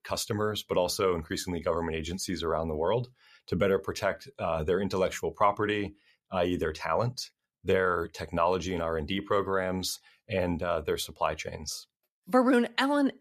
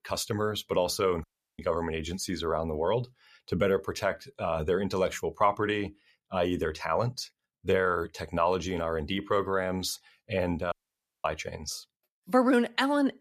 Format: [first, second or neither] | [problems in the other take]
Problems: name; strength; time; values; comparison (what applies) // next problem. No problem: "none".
first | audio cutting out; at 1 s and at 11 s for 0.5 s